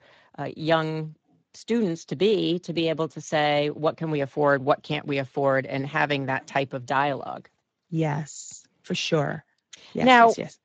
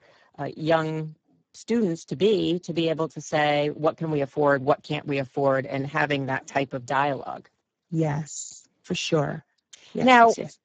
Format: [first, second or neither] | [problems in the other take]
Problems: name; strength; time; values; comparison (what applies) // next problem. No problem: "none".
first | garbled, watery; badly; nothing above 7.5 kHz; slightly in the first